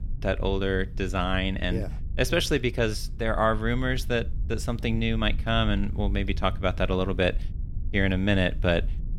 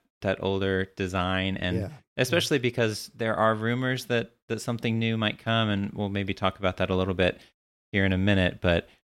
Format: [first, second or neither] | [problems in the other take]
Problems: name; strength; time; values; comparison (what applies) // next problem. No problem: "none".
second | low rumble; faint; throughout; 25 dB below the speech